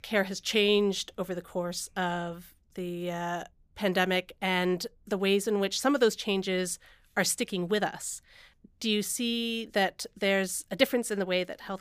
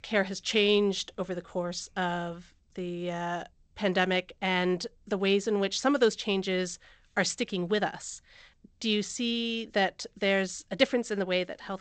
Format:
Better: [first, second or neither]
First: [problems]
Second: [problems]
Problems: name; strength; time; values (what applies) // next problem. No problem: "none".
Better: first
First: none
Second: garbled, watery; slightly; nothing above 8 kHz